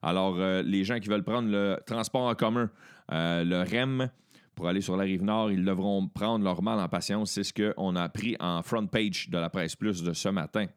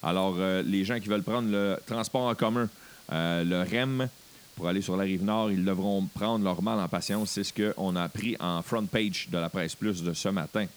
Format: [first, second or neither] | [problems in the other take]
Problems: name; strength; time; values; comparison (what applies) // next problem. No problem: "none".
first | hiss; faint; throughout; 20 dB below the speech